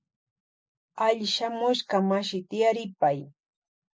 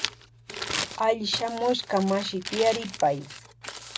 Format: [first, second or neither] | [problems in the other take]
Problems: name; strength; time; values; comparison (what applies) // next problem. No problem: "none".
first | background sound (Crumpling, crinkling); 8 dB below the speech